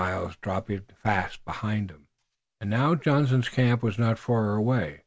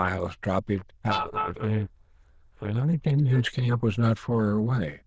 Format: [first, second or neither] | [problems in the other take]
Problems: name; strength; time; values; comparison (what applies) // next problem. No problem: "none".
first | noise reduction (neural diffusion model UNIVERSE++)